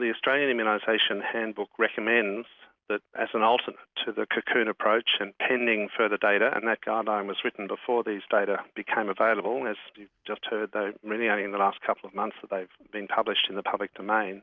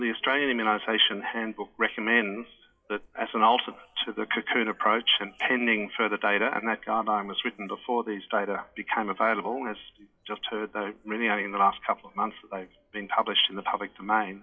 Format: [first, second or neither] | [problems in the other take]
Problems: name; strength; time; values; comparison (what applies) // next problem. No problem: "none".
first | noise reduction (classical method WPE with log-MMSE)